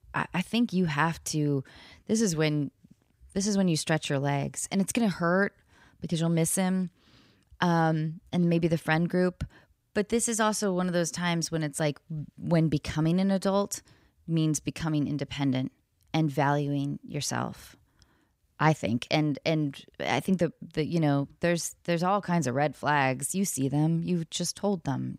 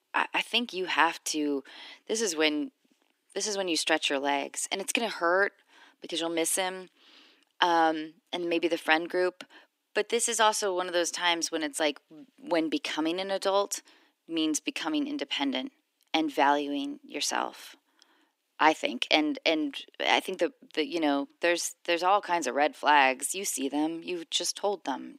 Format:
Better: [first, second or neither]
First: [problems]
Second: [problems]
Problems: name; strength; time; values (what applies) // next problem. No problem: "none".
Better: first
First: none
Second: thin; somewhat; fading below 300 Hz